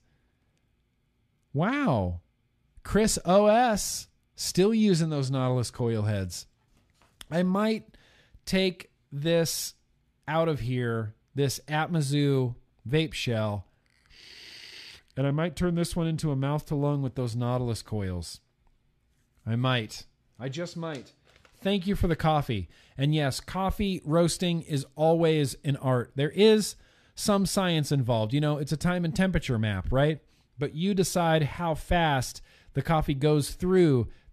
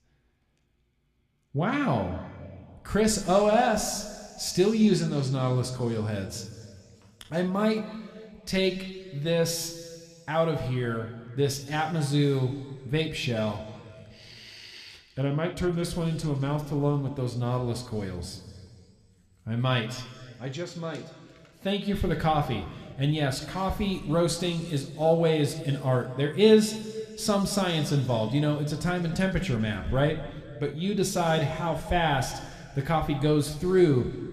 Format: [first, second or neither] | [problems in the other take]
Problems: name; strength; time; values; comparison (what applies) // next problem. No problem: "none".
first | room echo; slight; dies away in 1.8 s